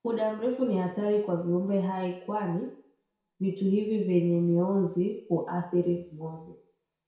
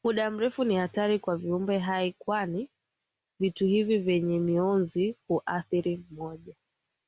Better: second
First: room echo; dies away in 0.6 s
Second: none

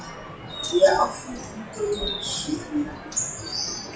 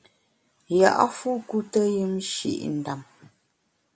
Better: second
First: noise reduction (classical method WPE with log-MMSE)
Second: none

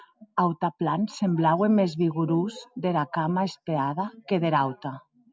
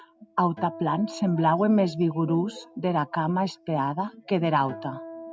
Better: first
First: none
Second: background sound (Acoustic guitar); 18 dB below the speech

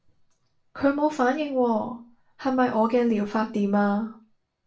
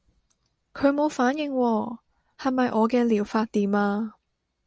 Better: second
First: room echo; dies away in 0.3 s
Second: none

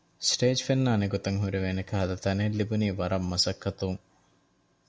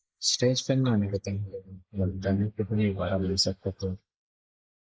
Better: first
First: none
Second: noise reduction (neural mask model Resemble Enhance denoiser)

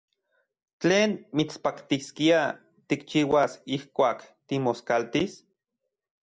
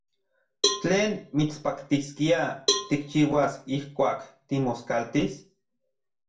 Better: first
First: none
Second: background sound (Cowbell); 6 dB below the speech // room echo; dies away in 0.3 s

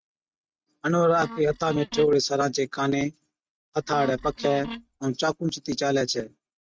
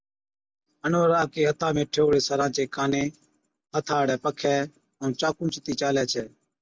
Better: second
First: noise reduction (neural mask model RNNoise)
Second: none

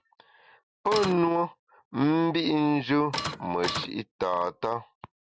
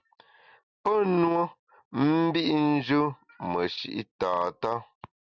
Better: second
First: background sound (Printer); 4 dB below the speech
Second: none

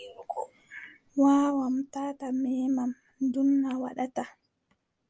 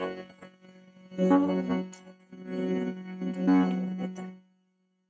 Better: first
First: none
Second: noise reduction (neural mask model RNNoise)

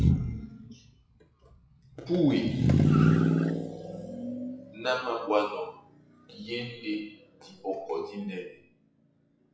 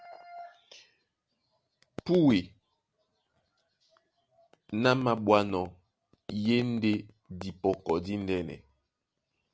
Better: second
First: noise reduction (classical method WPE with log-MMSE)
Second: none

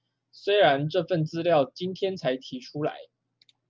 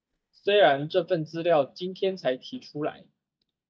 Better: first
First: none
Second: noise reduction (neural mask model DeepFilterNet 3)

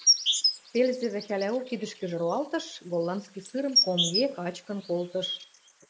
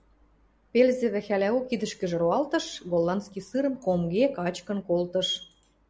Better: second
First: noise reduction (neural mask model Resemble Enhance denoiser)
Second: none

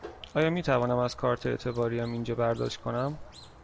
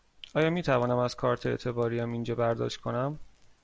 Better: second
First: background sound (Squeak); 20 dB below the speech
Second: none

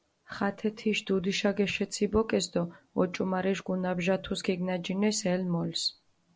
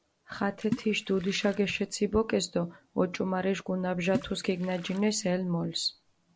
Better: first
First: none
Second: background sound (Water / Splash, splatter); 11 dB below the speech

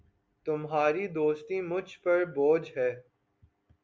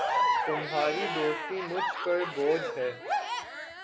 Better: first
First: none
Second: background sound (Crowd / Cheering); 1 dB above the speech

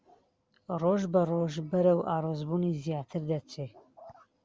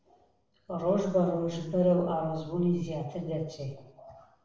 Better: first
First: none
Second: room echo; dies away in 0.7 s

